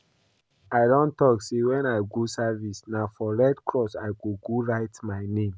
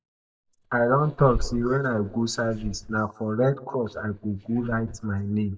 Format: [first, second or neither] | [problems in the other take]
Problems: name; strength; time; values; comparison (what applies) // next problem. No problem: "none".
first | noise reduction (neural mask model DeepFilterNet 3)